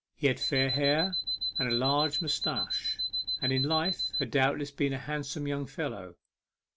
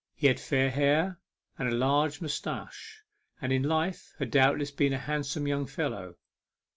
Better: second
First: background sound (Alarm); 1 dB below the speech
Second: none

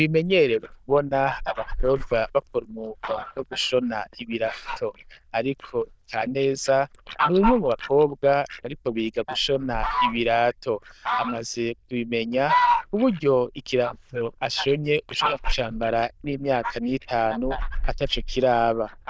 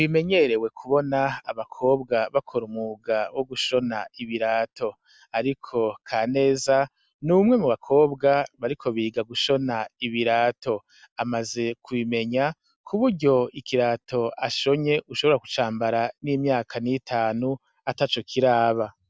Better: second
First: noise reduction (neural diffusion model UNIVERSE++)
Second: none

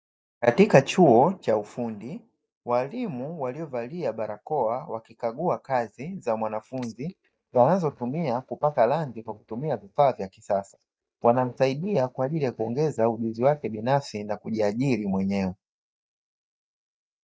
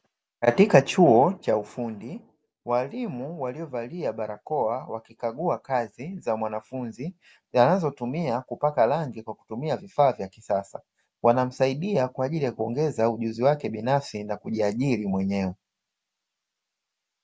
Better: second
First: noise reduction (neural mask model DeepFilterNet 3)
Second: none

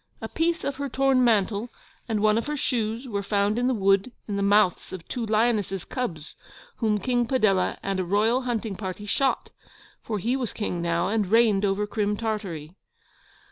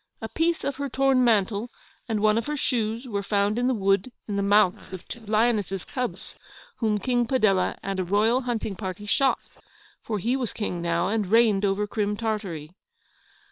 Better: first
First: none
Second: noise reduction (neural separator model SepFormer WHAM!)

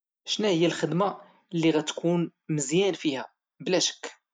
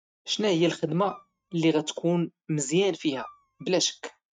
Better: first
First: none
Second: noise reduction (neural mask model RNNoise)

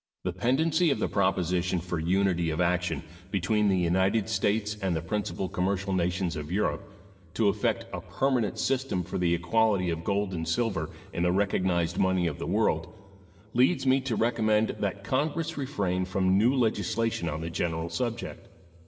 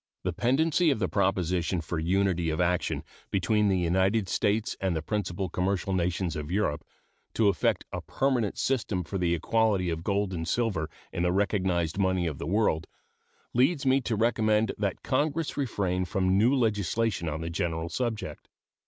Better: second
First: room echo; dies away in 1.8 s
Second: none

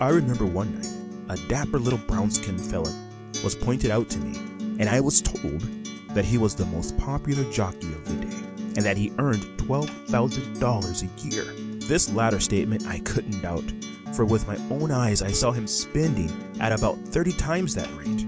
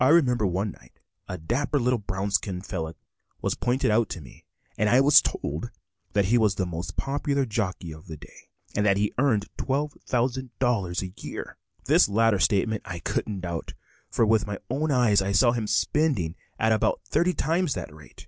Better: second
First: background sound (Acoustic guitar); 7 dB below the speech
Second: none

